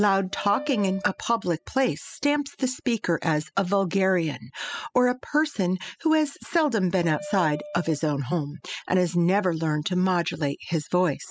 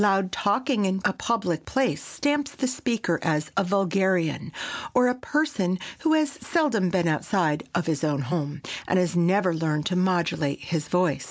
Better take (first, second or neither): second